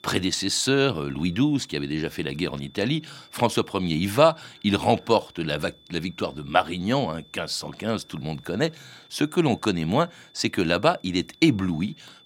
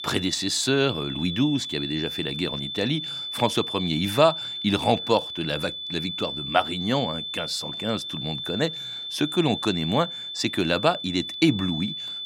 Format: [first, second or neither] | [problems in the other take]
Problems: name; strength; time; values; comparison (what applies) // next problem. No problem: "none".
first | high-pitched whine; loud; throughout; 3.5 kHz, 5 dB below the speech; faint in the first